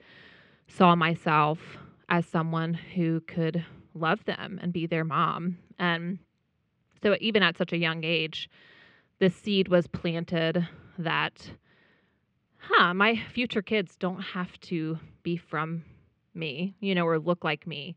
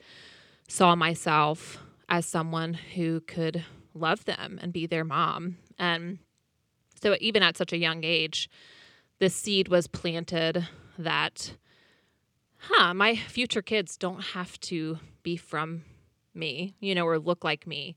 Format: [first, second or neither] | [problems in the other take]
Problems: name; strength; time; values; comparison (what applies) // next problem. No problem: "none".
second | muffled; slightly; fading above 2.5 kHz